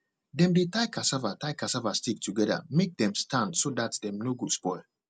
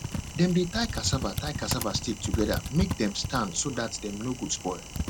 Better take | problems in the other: first | background sound (Typing); 4 dB below the speech

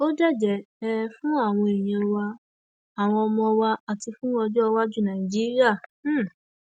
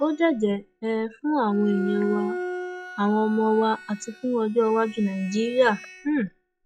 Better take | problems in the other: first | noise reduction (classical method log-MMSE)

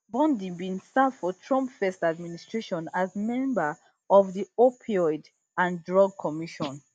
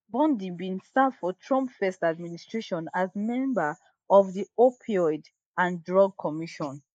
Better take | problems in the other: first | noise reduction (neural mask model Resemble Enhance denoiser)

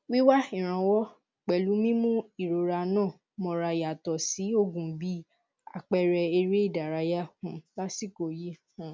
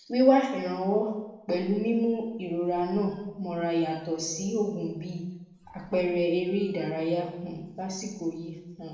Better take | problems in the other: first | noise reduction (neural separator model SepFormer DNS4)

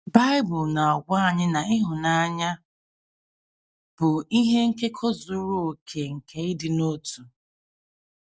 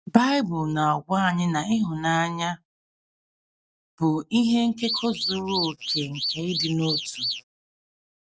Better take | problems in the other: first | background sound (Alarm / Car); 4 dB below the speech

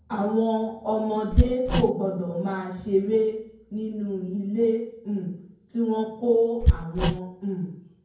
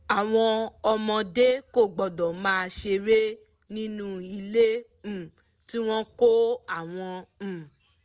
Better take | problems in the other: second | background sound (Hammer); 1 dB above the speech // room echo; dies away in 0.9 s

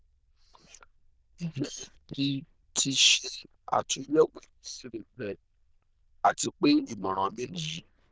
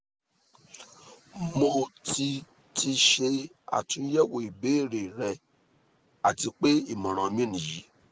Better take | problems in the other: second | noise reduction (neural diffusion model UNIVERSE++)

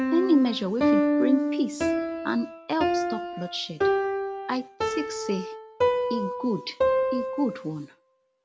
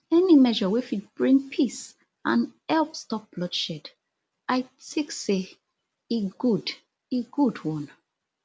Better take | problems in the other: second | background sound (Piano); 2 dB above the speech

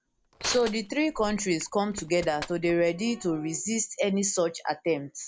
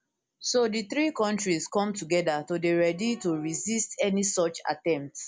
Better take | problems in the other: second | background sound (Crushing); 14 dB below the speech

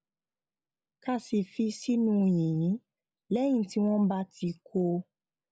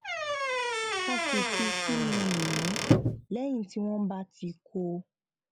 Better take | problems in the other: first | background sound (Squeak / Wood); 4 dB above the speech

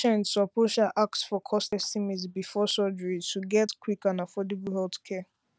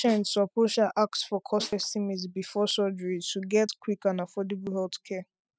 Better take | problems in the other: first | noise reduction (classical method spectral subtraction)

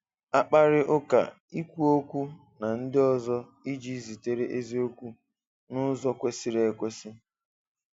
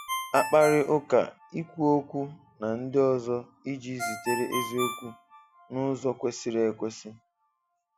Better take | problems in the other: first | background sound (Ringtone); 10 dB below the speech

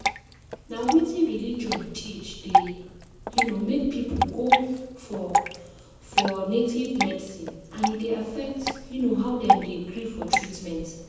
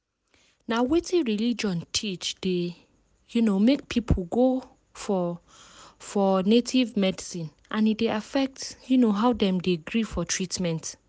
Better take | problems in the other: second | background sound (Drip / Water); as loud as the speech // room echo; dies away in 1.1 s

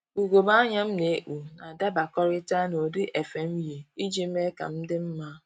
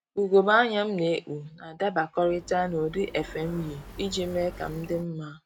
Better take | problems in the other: first | background sound (Motorcycle); 17 dB below the speech

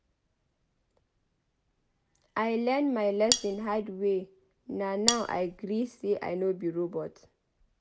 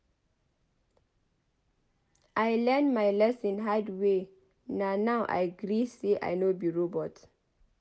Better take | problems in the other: second | background sound (Cutlery, silverware); 1 dB above the speech

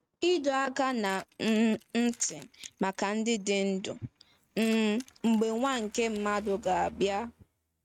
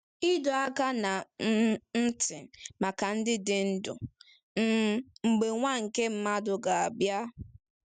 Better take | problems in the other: second | noise reduction (neural mask model RNNoise)

